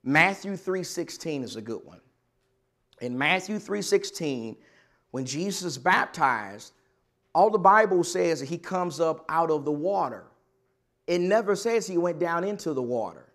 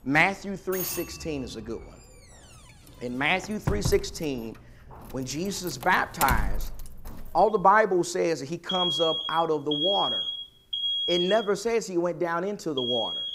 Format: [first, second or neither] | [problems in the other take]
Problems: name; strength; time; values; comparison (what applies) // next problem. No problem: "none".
first | alarms or sirens; loud; throughout; 2 dB below the speech